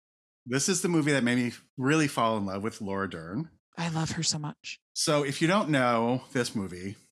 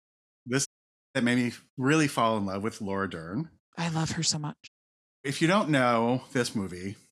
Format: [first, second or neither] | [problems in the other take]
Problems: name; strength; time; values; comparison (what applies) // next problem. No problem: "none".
first | audio cutting out; at 0.5 s and at 4.5 s for 0.5 s